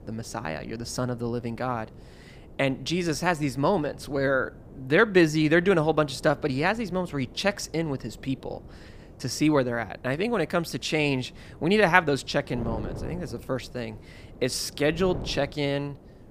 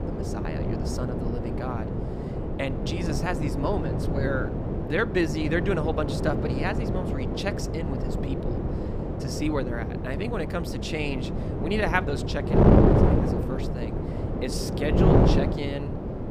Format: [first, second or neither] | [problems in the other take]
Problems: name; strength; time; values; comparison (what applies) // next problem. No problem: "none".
first | wind noise on the microphone; heavy; as loud as the speech; occasional gusts in the first